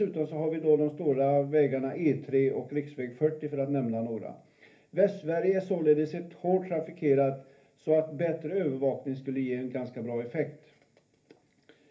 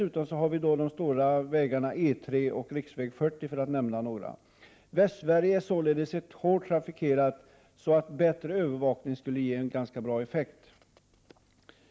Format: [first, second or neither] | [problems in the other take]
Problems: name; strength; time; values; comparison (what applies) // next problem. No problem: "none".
second | room echo; dies away in 0.3 s